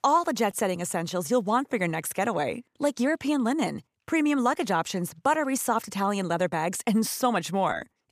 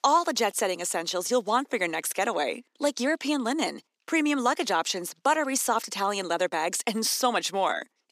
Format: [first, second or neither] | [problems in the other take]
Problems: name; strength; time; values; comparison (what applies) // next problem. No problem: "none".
first | thin; very slightly; fading below 250 Hz